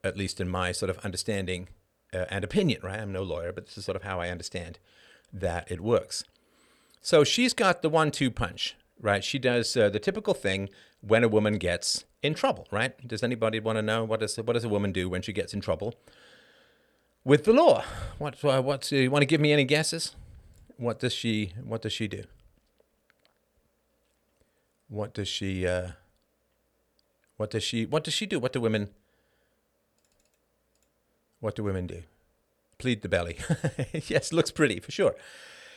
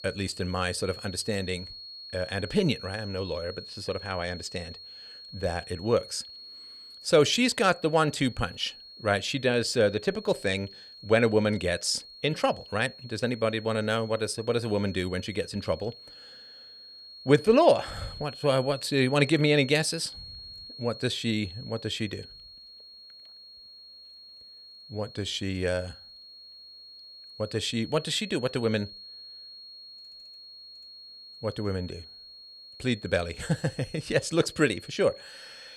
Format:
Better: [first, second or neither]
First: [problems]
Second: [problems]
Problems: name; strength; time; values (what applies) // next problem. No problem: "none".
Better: first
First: none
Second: high-pitched whine; noticeable; throughout; 4.5 kHz, 15 dB below the speech